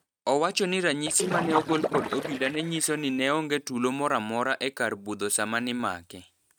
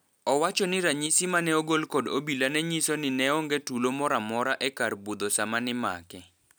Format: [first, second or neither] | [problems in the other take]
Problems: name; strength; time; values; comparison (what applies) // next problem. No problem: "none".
second | noise reduction (neural mask model RNNoise)